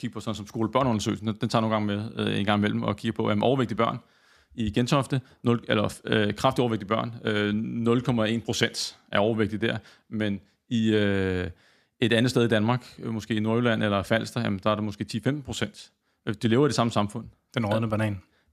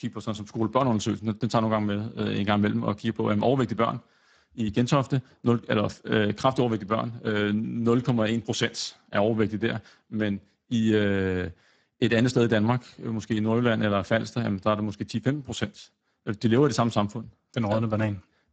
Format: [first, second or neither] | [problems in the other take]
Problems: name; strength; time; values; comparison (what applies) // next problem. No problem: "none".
first | garbled, watery; badly; nothing above 7.5 kHz